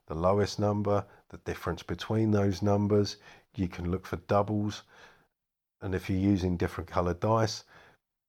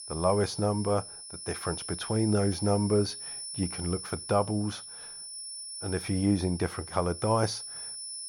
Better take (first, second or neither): first